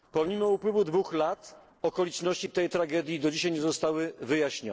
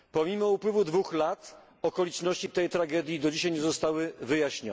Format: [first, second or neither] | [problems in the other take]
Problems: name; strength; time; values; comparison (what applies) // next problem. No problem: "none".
second | noise reduction (neural separator model SepFormer DNS4)